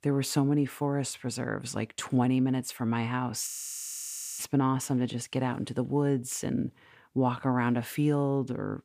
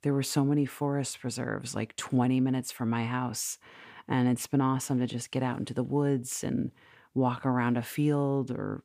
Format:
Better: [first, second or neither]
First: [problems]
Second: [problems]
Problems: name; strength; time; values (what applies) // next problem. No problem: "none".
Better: second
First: audio freezing; at 3.5 s for 1 s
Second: none